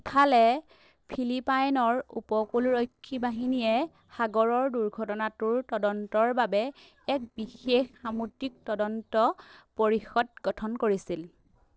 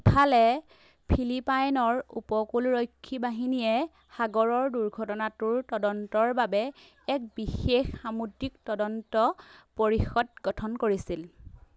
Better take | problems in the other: second | noise reduction (neural separator model SepFormer DNS4)

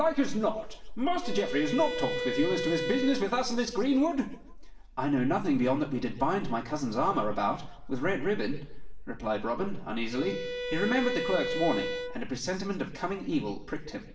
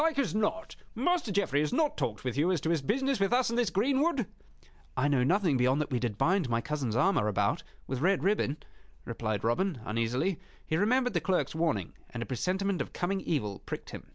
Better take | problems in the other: second | background sound (Bowed string instrument); 5 dB below the speech // room echo; dies away in 0.7 s

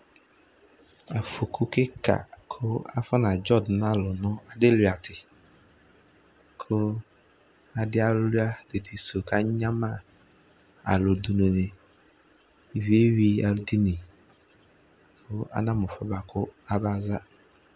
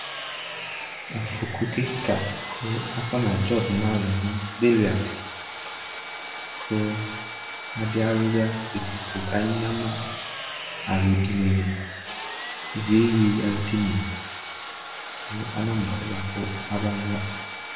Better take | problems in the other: first | background sound (Sawing); 9 dB below the speech // room echo; dies away in 0.8 s

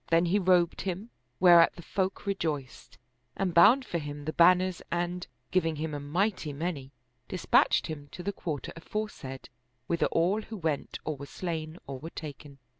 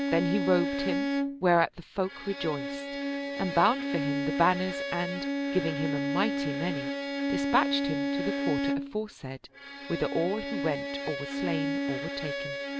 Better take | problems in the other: first | background sound (Bowed string instrument); 1 dB below the speech

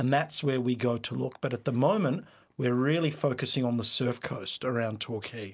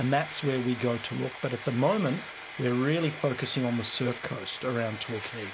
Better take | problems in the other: first | background sound (Frying (food)); 12 dB below the speech

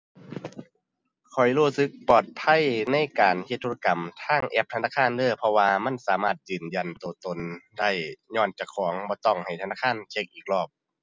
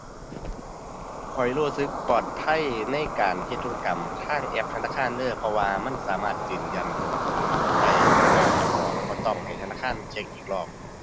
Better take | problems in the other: first | background sound (Cricket); 2 dB above the speech

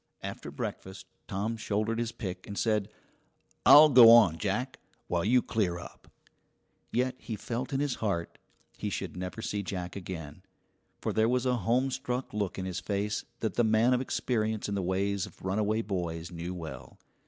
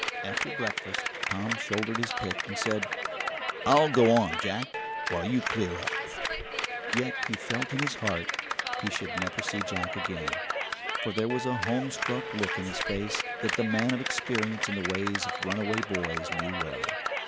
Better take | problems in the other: first | background sound (Clapping); 1 dB below the speech

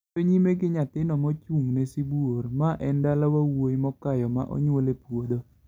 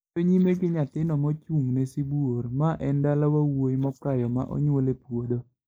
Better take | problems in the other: first | noise reduction (neural mask model Resemble Enhance denoiser)

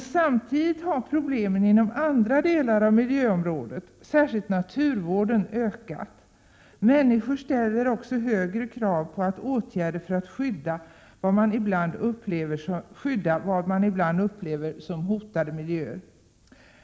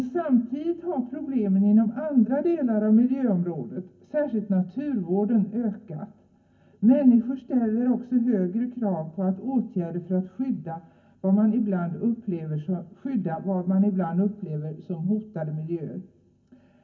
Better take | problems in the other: first | room echo; dies away in 0.3 s

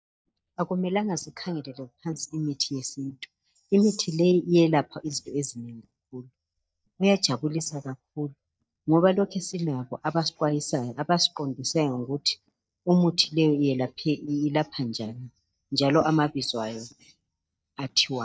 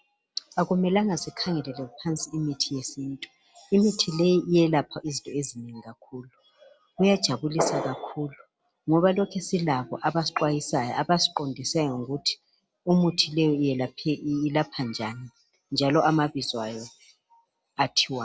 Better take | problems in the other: second | noise reduction (neural mask model DeepFilterNet 3)

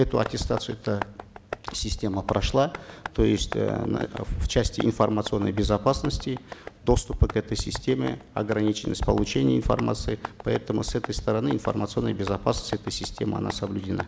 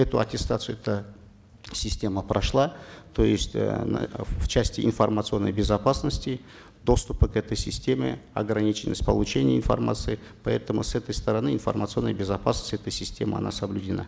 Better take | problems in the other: second | background sound (Tap); 15 dB below the speech

